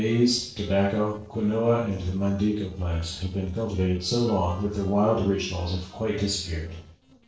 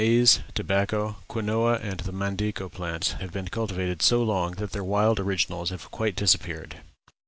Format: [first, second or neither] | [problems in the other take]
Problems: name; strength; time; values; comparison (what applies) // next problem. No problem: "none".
second | noise reduction (neural separator model SepFormer DNS4)